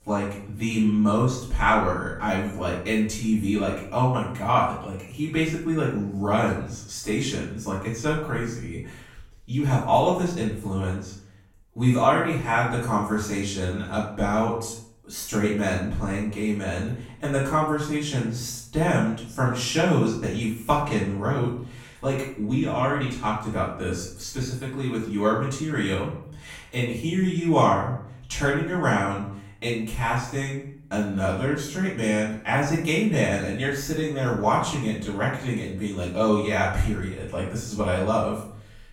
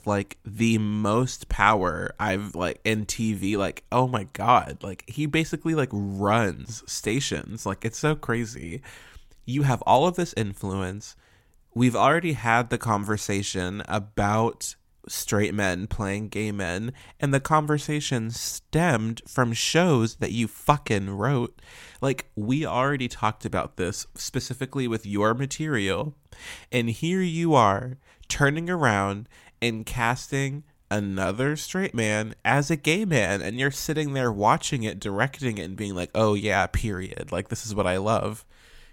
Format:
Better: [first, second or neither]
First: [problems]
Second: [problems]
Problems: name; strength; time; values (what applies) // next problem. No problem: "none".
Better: second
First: room echo; noticeable; dies away in 0.5 s // off-mic speech; far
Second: none